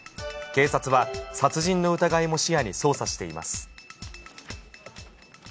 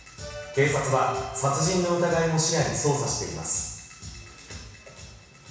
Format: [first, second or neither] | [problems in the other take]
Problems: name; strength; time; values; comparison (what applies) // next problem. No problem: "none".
first | room echo; dies away in 1.1 s